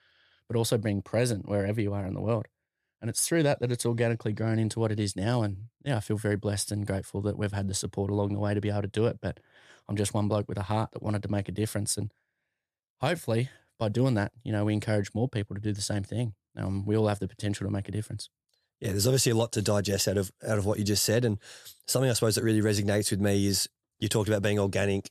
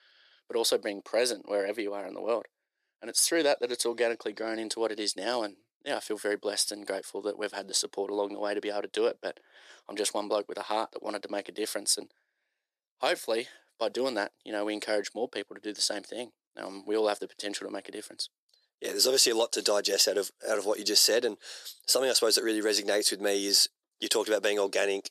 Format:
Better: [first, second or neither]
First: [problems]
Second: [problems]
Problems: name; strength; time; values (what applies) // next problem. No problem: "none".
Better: first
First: none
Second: thin; very; fading below 350 Hz